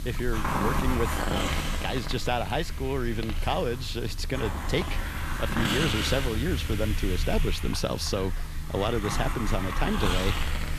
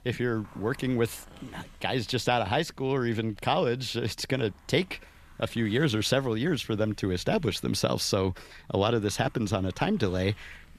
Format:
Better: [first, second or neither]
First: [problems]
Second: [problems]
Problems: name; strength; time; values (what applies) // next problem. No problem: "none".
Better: second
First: hiss; loud; throughout; 1 dB below the speech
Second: hiss; faint; throughout; 25 dB below the speech